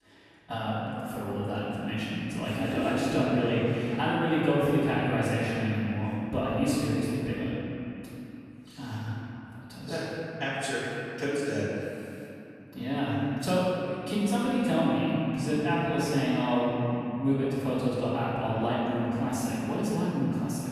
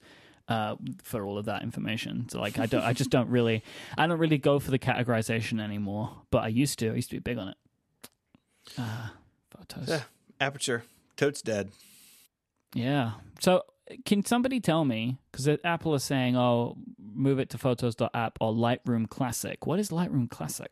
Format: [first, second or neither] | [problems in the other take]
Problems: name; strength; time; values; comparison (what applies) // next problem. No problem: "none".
second | off-mic speech; far // room echo; strong; dies away in 3 s